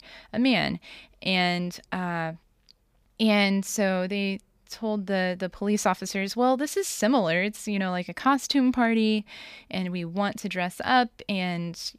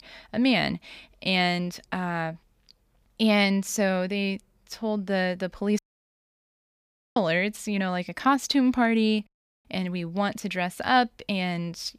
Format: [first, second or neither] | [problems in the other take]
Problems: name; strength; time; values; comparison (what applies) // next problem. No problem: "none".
first | audio cutting out; at 6 s for 1.5 s and at 9.5 s